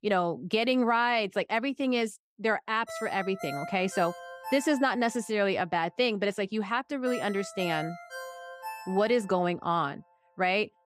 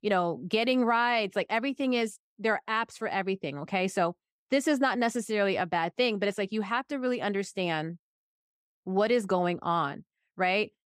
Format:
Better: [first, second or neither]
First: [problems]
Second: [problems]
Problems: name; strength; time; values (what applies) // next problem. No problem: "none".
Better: second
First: phone ringing; noticeable; from 3 to 9.5 s; peak 9 dB below the speech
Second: none